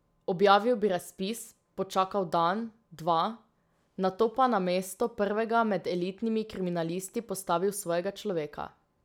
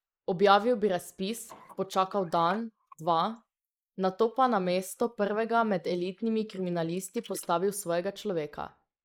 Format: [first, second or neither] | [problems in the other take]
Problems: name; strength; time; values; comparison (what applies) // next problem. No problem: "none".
first | noise reduction (neural mask model Resemble Enhance denoiser)